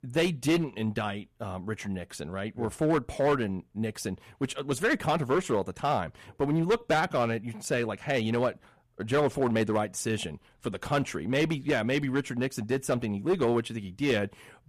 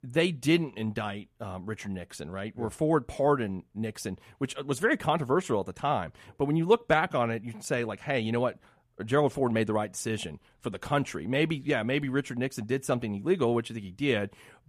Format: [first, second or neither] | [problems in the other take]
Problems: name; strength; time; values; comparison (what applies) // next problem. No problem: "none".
second | distortion; slight; 5% of the sound clipped